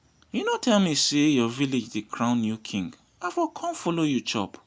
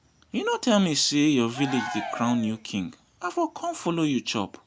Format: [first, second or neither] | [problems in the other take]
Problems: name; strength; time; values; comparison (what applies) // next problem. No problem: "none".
first | background sound (Cheering); 12 dB below the speech